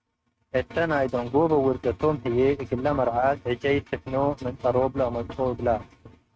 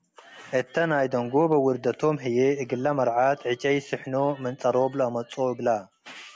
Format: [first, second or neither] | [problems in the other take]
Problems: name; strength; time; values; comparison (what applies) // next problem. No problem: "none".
second | noise reduction (neural mask model RNNoise)